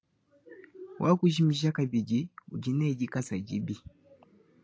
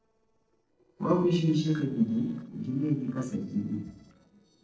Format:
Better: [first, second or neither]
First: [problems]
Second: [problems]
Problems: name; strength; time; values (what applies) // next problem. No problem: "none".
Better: first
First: none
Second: noise reduction (neural separator model SepFormer DNS4)